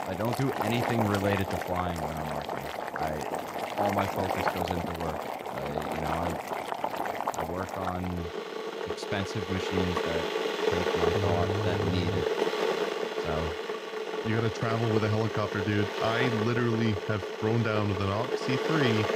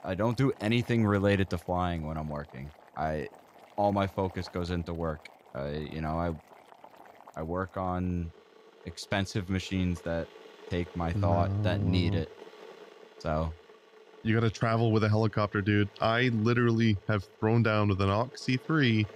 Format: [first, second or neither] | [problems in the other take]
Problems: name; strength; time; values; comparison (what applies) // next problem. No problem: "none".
second | household noises; loud; throughout; as loud as the speech; faint in the second